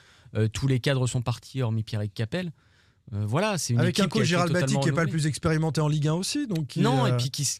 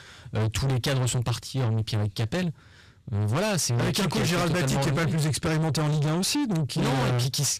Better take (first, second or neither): first